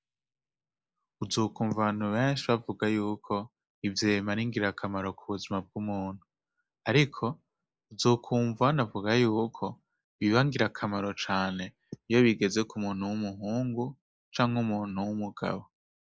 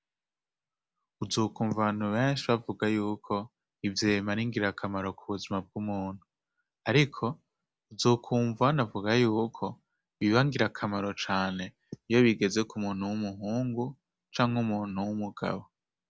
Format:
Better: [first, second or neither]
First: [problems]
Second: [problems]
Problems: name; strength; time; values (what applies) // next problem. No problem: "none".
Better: second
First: noise reduction (neural mask model Resemble Enhance denoiser)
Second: none